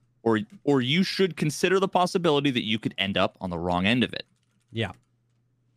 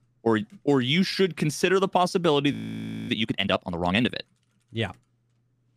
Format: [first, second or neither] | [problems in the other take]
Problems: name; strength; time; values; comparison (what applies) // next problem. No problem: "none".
first | audio freezing; at 2.5 s for 0.5 s